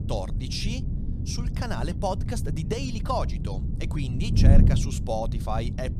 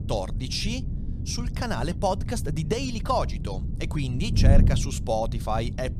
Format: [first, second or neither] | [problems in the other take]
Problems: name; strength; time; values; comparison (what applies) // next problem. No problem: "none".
second | wind noise on the microphone; heavy; 7 dB below the speech; occasional gusts in the second